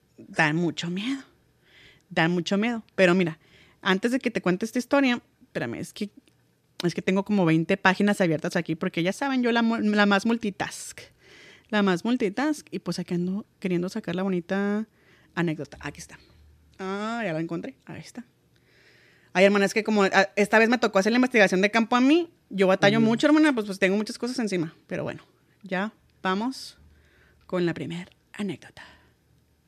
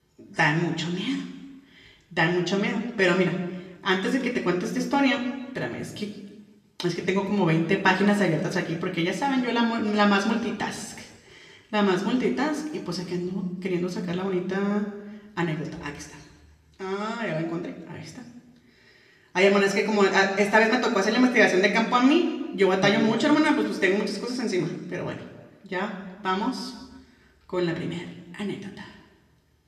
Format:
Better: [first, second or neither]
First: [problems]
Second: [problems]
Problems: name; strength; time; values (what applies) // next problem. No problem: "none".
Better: first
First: none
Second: room echo; slight; dies away in 1 s // off-mic speech; somewhat distant